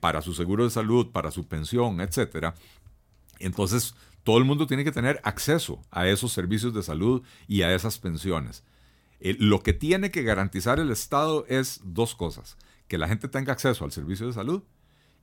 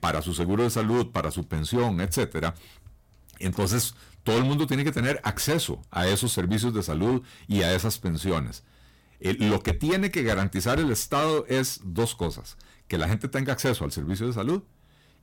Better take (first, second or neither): first